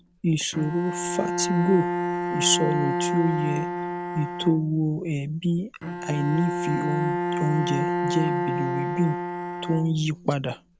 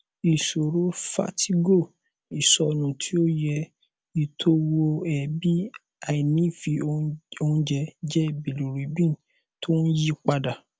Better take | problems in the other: second | background sound (Bowed string instrument); 2 dB below the speech

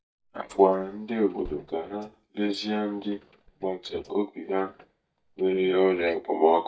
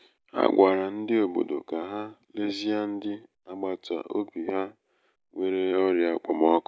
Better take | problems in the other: second | noise reduction (neural mask model DeepFilterNet 3)

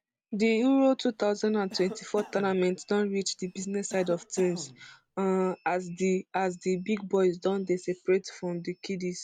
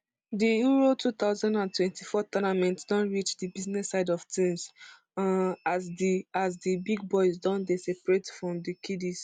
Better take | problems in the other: second | background sound (Cough); 19 dB below the speech

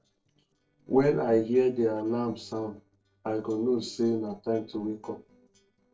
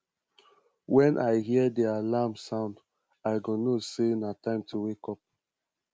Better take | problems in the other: second | noise reduction (neural separator model SepFormer DNS4)

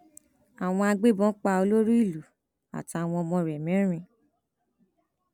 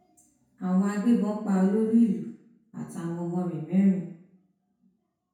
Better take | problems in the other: first | room echo; dies away in 0.6 s

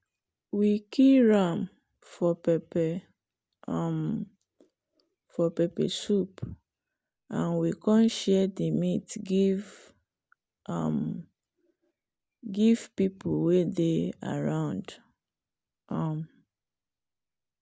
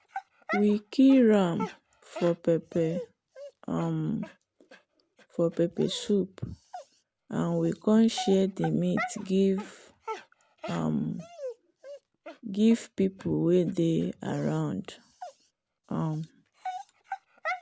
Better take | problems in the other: first | background sound (Dog); 14 dB below the speech

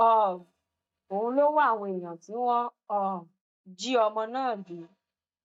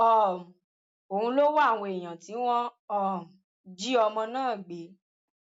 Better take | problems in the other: second | noise reduction (neural mask model DeepFilterNet 3)

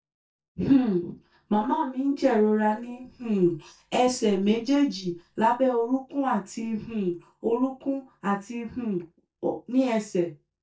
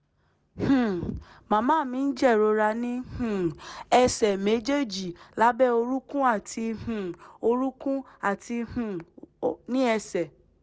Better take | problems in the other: second | noise reduction (neural mask model DeepFilterNet 3)

